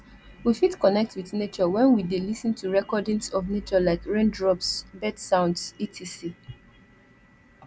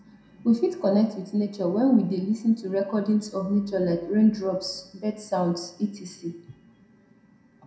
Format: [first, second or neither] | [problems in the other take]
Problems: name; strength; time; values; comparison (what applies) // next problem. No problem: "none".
first | room echo; dies away in 0.6 s